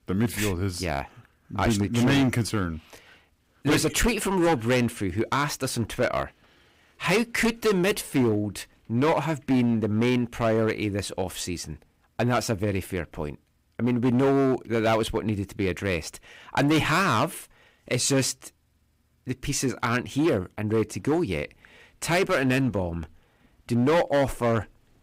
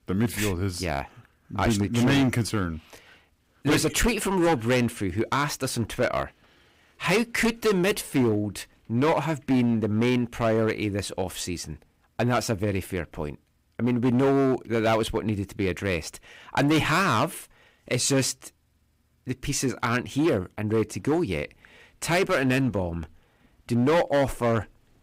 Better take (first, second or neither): neither